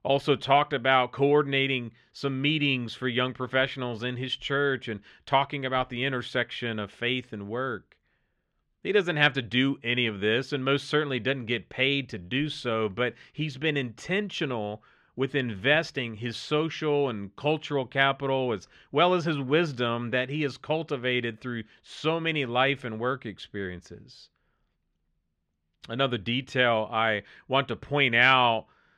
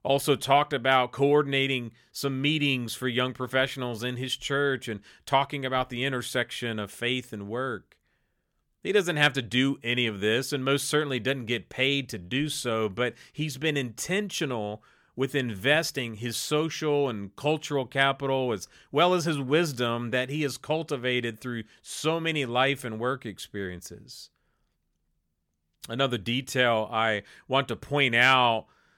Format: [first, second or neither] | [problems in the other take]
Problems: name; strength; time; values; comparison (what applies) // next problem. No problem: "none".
second | muffled; slightly; fading above 3 kHz